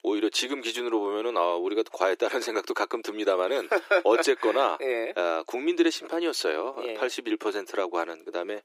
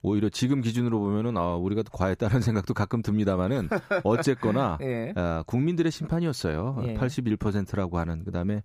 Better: second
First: thin; very; fading below 350 Hz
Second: none

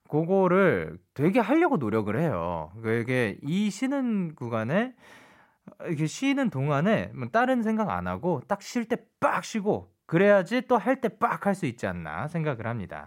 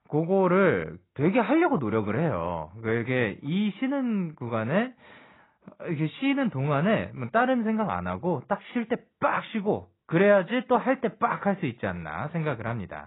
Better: first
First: none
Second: garbled, watery; badly; nothing above 4 kHz

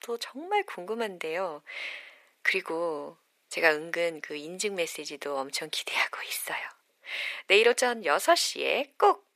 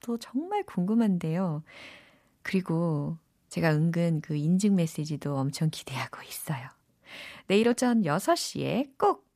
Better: second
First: thin; very; fading below 450 Hz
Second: none

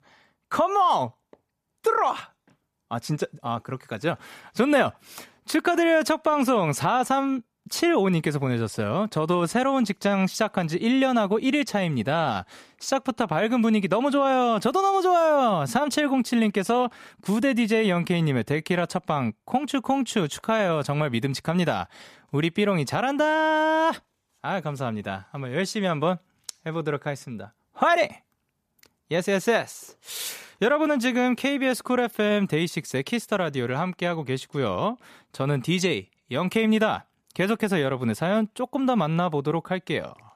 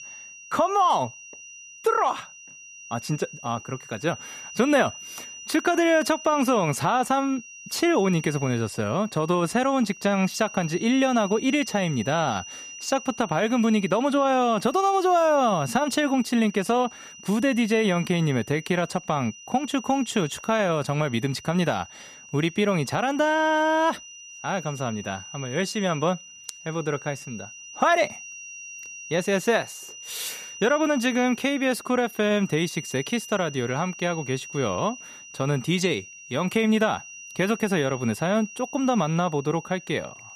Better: first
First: none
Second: high-pitched whine; noticeable; throughout; 3 kHz, 15 dB below the speech

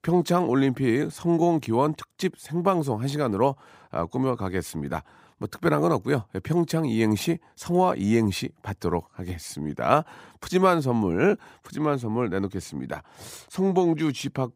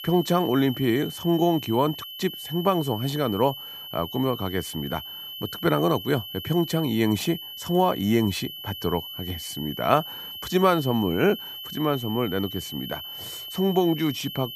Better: first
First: none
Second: high-pitched whine; loud; throughout; 3 kHz, 10 dB below the speech

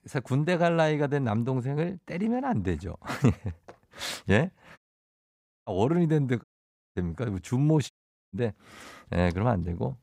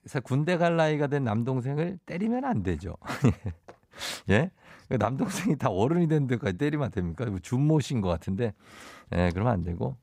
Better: second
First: audio cutting out; at 5 s for 1 s, at 6.5 s for 0.5 s and at 8 s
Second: none

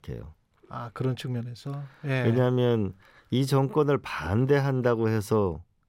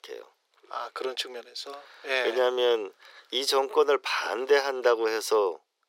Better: first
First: none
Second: thin; very; fading below 400 Hz

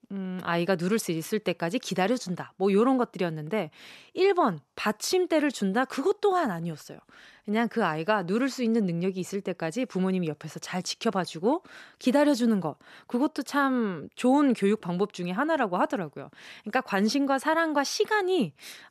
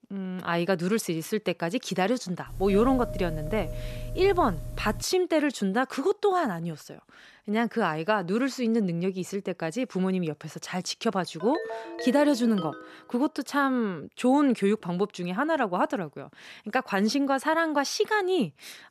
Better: first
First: none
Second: doorbell; noticeable; from 2.5 to 5 s; peak 8 dB below the speech // phone ringing; noticeable; from 11 to 13 s; peak 9 dB below the speech

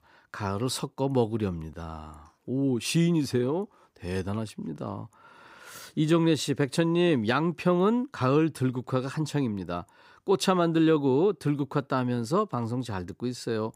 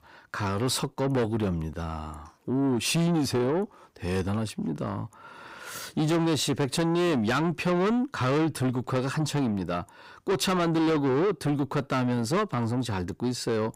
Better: first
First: none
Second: distortion; heavy; 7 dB below the speech

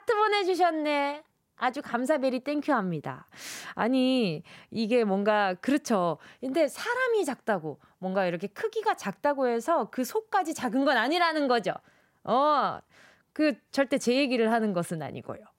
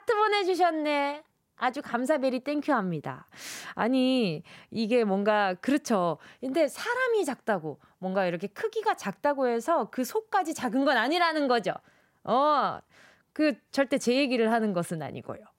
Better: neither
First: none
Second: none

